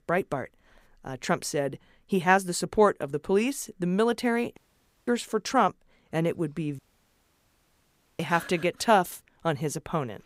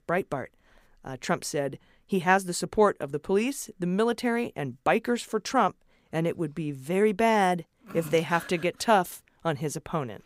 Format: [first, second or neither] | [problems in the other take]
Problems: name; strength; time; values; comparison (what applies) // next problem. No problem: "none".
second | audio cutting out; at 4.5 s for 0.5 s and at 7 s for 1.5 s